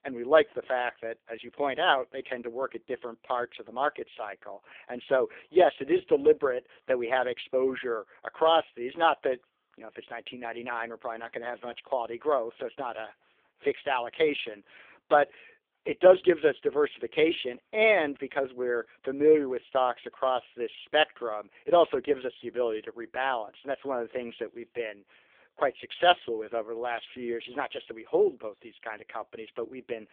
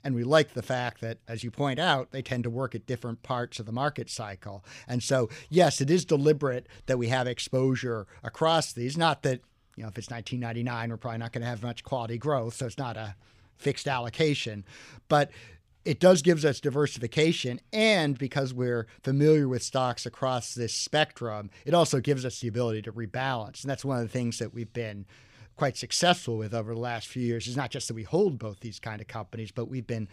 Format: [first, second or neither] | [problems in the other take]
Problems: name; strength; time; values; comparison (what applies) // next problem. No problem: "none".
second | phone-call audio; poor line; nothing above 3.5 kHz